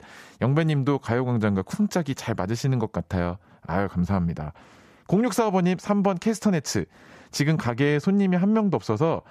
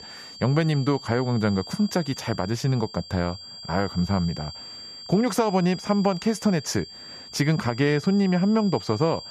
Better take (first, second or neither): first